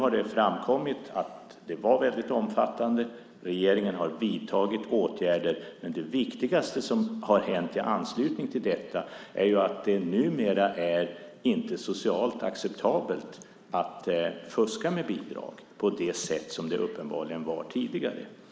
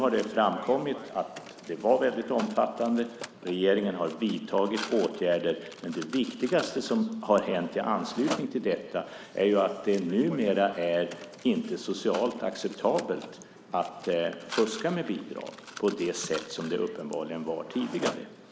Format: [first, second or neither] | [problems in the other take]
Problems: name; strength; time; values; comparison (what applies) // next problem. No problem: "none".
first | background sound (Mechanisms); 15 dB below the speech